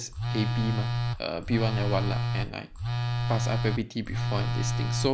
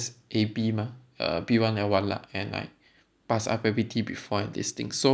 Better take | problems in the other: second | background sound (Telephone); 3 dB above the speech

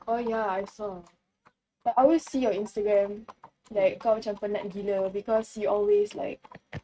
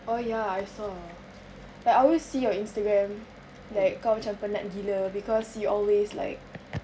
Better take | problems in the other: second | noise reduction (neural mask model RNNoise)

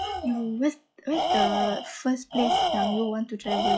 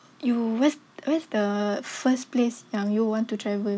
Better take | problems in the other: second | noise reduction (classical method log-MMSE)

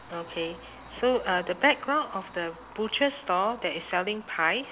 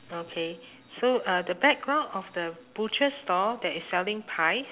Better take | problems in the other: second | background sound (Traffic noise, roadway noise); 20 dB below the speech

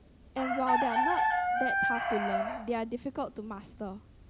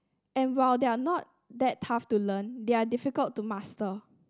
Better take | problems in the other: second | background sound (Chicken, rooster); 4 dB above the speech

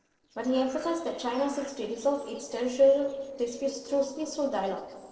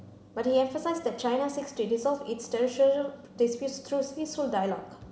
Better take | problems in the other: second | noise reduction (neural separator model SepFormer DNS4)

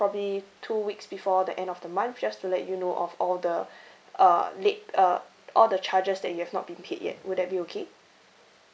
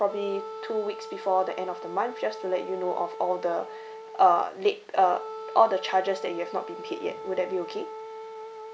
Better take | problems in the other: first | background sound (Wind instrument, woodwind instrument); 12 dB below the speech

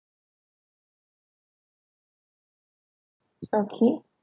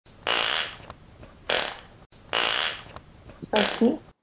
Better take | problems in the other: first | background sound (Fart); 2 dB above the speech

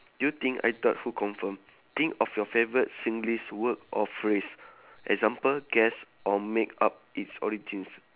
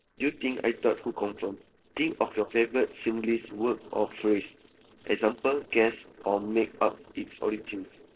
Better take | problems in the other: first | noise reduction (neural separator model SepFormer DNS4)

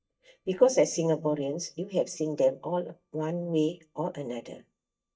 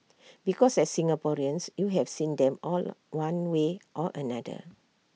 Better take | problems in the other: second | noise reduction (neural mask model DeepFilterNet 3)

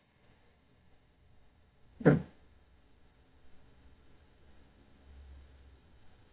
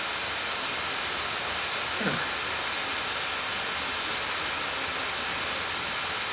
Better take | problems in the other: second | noise reduction (neural mask model DeepFilterNet 3)

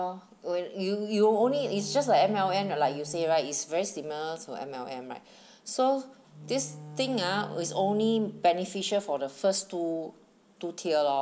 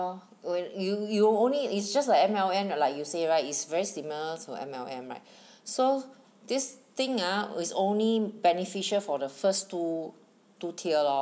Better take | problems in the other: second | background sound (Wind instrument, woodwind instrument); 19 dB below the speech

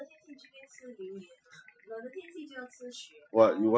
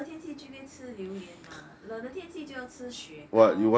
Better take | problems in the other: second | noise reduction (classical method Wiener filter)

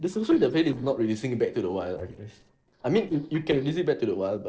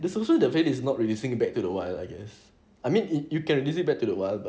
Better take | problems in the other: second | noise reduction (neural separator model SepFormer DNS4)

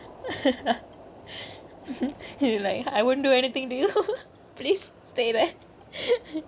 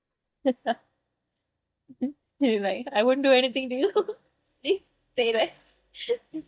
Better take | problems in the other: first | noise reduction (neural mask model DeepFilterNet 3)

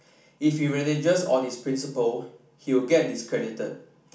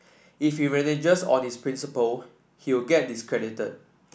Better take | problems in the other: second | room echo; dies away in 0.4 s

